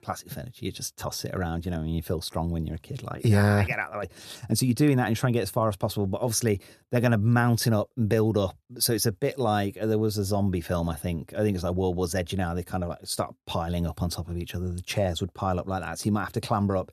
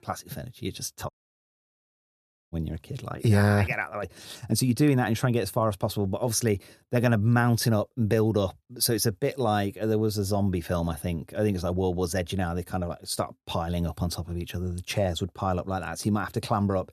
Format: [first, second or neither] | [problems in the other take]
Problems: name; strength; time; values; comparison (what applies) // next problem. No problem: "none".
first | audio cutting out; at 1 s for 1.5 s